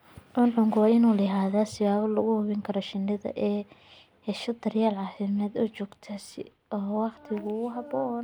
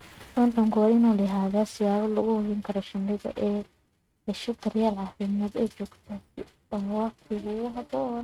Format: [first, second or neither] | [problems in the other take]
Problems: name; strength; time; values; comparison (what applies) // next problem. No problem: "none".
first | noise reduction (neural mask model RNNoise)